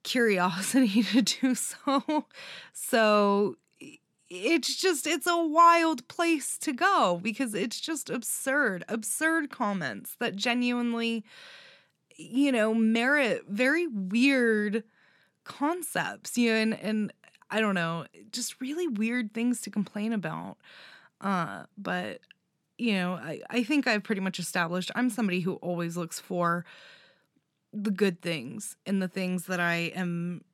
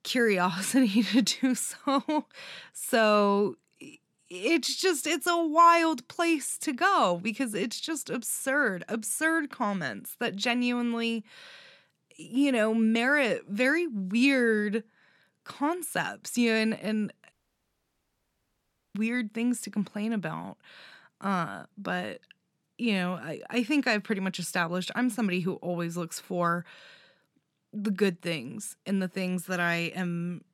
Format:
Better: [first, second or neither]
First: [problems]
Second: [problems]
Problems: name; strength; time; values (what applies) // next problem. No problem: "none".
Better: first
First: none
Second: audio cutting out; at 17 s for 1.5 s